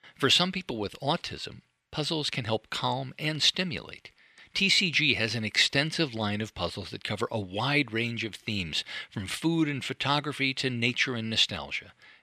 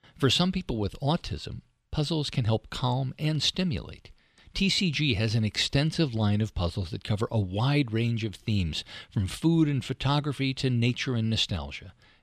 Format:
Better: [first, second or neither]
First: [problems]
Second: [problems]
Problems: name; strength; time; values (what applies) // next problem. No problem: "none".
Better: second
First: thin; somewhat; fading below 800 Hz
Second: none